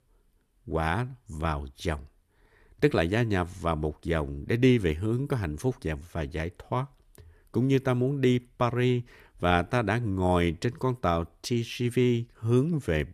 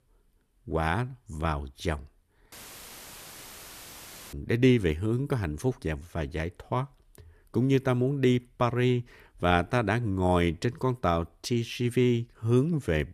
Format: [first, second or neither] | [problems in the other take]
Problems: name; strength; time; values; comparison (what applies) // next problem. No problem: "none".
first | audio cutting out; filled with static; at 2.5 s for 2 s